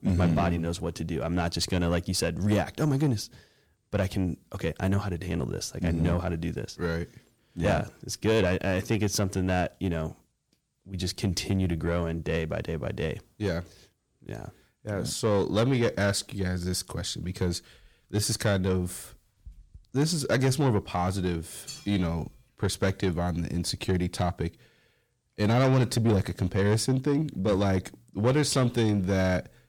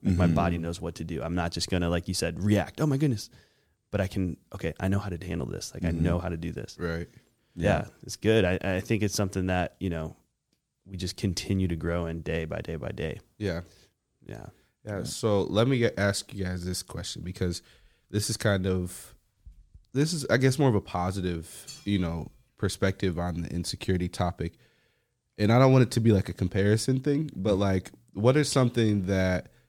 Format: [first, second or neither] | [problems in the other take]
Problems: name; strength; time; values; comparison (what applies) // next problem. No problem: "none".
second | distortion; slight; 10 dB below the speech